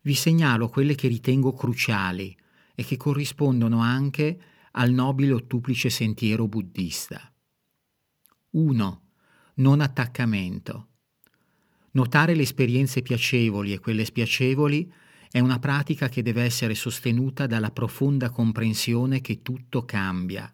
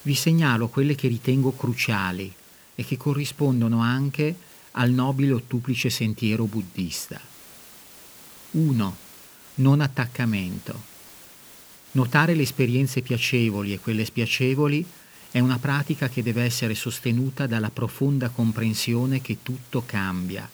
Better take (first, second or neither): first